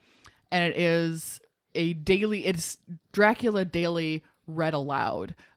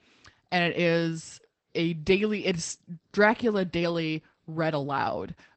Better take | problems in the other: first | garbled, watery; badly; nothing above 8 kHz; slightly in the first

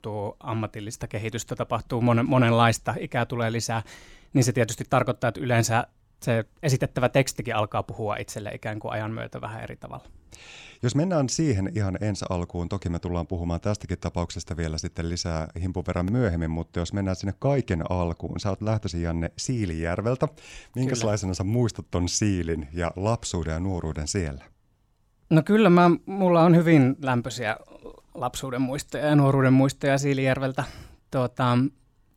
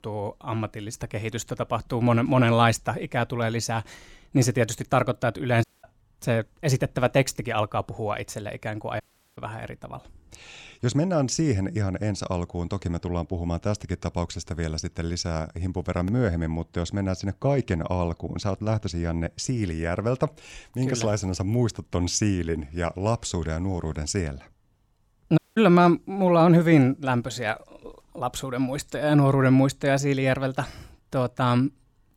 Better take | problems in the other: first | audio cutting out; at 5.5 s, at 9 s and at 25 s

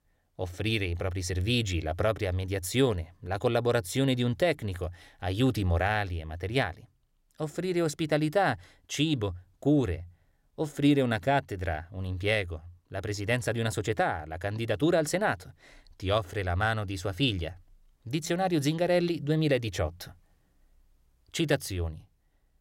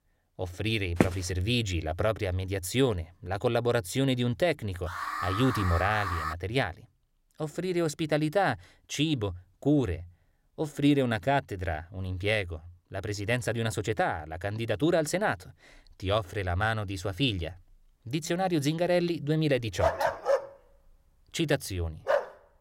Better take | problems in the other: first | footsteps; loud; at 1 s; peak level with the speech // alarm; noticeable; from 5 to 6.5 s; peak 3 dB below the speech // dog barking; loud; from 20 s on; peak 2 dB above the speech

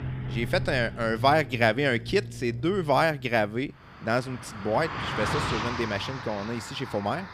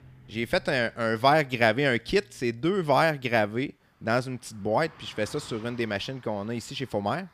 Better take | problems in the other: second | traffic noise; loud; throughout; 8 dB below the speech; faint in the second

